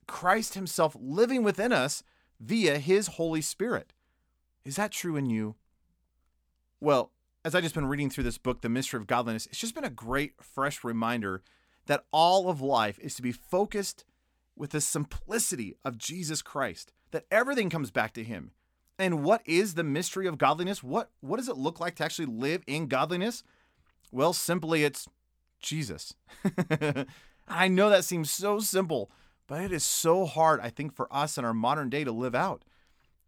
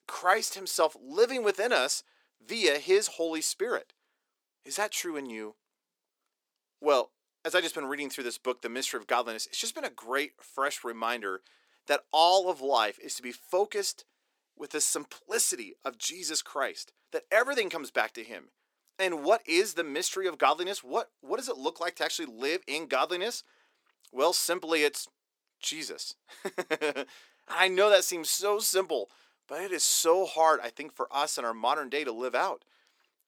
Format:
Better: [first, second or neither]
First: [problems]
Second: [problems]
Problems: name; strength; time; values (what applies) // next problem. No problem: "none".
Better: first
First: none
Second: thin; somewhat; fading below 350 Hz